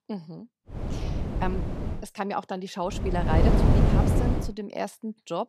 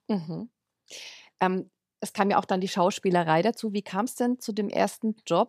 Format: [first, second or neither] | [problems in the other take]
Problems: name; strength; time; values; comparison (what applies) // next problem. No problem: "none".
second | wind noise on the microphone; heavy; from 1 to 2 s and from 3 to 4.5 s; as loud as the speech